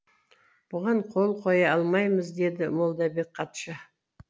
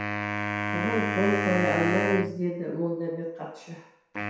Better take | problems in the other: first | background sound (Wind instrument, woodwind instrument); 2 dB below the speech // room echo; dies away in 0.7 s

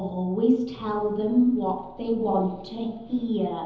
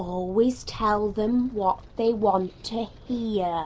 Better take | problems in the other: second | room echo; dies away in 0.9 s

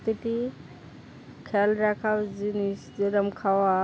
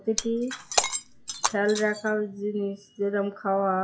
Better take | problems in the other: first | noise reduction (classical method WPE with log-MMSE)

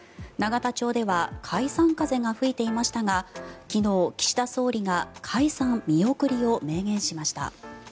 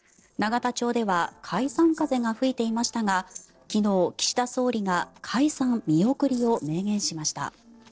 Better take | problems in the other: first | noise reduction (neural separator model SepFormer DNS4)

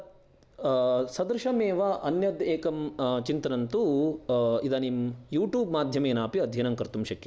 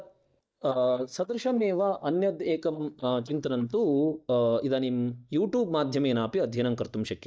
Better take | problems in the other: first | noise reduction (neural mask model DeepFilterNet 3)

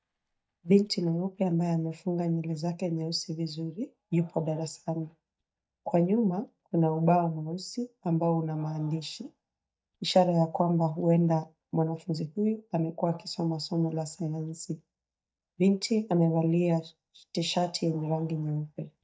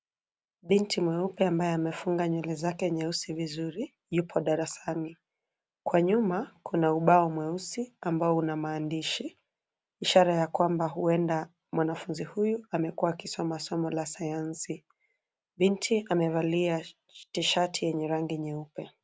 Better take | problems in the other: second | noise reduction (neural mask model DeepFilterNet 3)

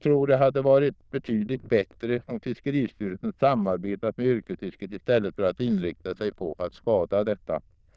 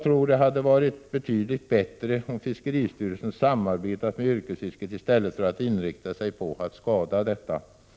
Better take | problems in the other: second | noise reduction (neural diffusion model UNIVERSE++)

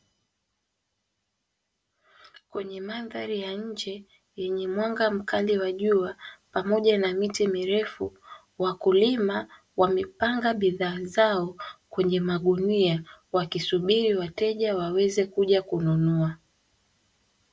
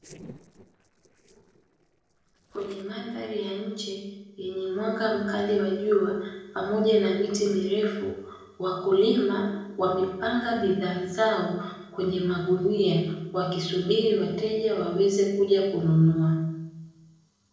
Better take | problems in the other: first | noise reduction (neural separator model SepFormer DNS4)

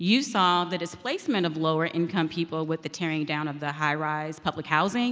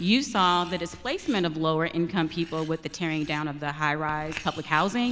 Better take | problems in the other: first | background sound (Writing); 19 dB below the speech

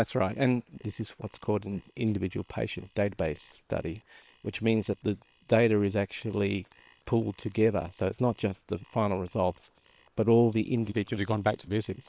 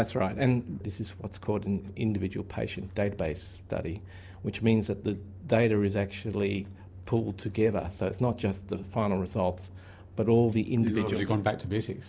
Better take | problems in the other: second | noise reduction (neural separator model SepFormer WHAM!)

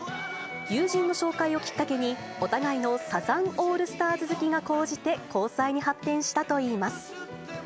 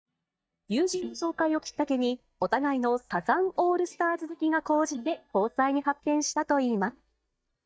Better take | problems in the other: first | noise reduction (neural mask model DeepFilterNet 3)

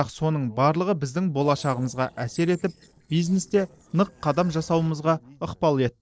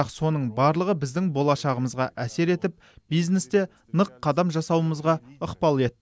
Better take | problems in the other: second | noise reduction (neural separator model SepFormer DNS4)

